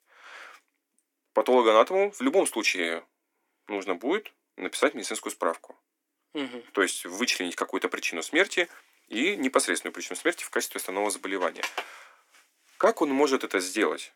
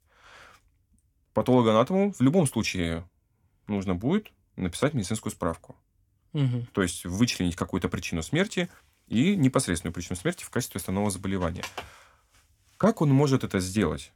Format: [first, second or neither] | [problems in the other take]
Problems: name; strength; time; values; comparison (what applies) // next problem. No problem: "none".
second | thin; somewhat; fading below 300 Hz